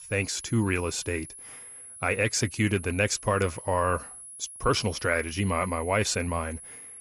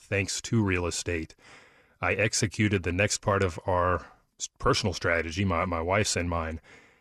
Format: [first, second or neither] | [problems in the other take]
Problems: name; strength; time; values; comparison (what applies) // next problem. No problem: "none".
second | high-pitched whine; noticeable; throughout; 10.5 kHz, 15 dB below the speech